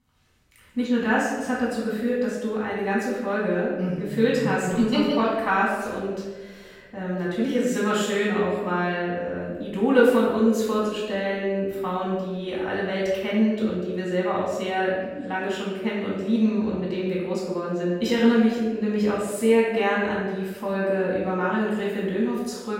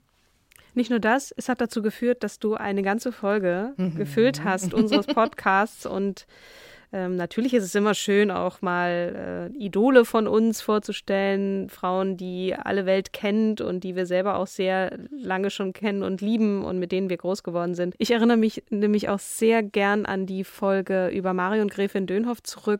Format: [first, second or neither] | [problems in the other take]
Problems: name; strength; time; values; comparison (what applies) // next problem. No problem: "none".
second | off-mic speech; far // room echo; noticeable; dies away in 1.1 s